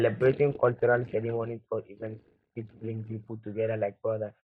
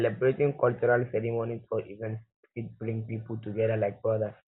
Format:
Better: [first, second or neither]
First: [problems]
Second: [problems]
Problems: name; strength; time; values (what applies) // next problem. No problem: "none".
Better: second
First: noise reduction (neural mask model DeepFilterNet 3)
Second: none